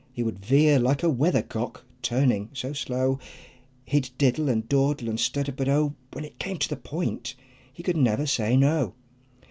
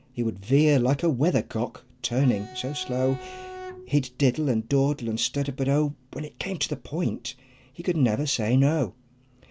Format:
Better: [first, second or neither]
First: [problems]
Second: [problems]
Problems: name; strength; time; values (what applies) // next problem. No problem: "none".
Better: first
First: none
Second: background sound (Bowed string instrument); 15 dB below the speech